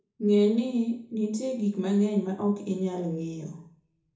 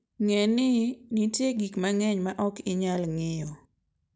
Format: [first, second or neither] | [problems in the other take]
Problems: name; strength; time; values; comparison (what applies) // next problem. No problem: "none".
second | room echo; dies away in 0.7 s